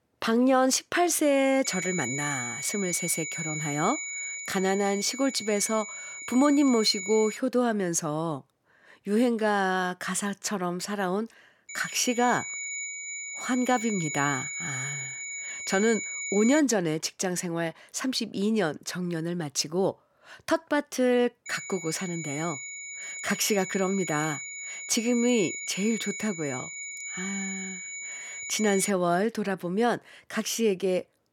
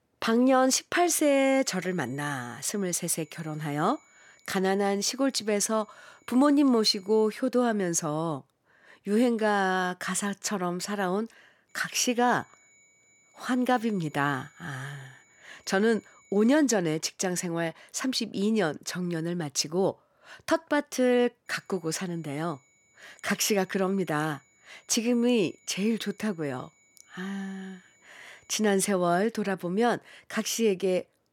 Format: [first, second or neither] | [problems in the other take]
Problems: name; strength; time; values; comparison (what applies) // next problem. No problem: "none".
second | high-pitched whine; loud; from 1.5 to 7.5 s, from 12 to 17 s and from 21 to 29 s; 2 kHz, 7 dB below the speech; faint in the second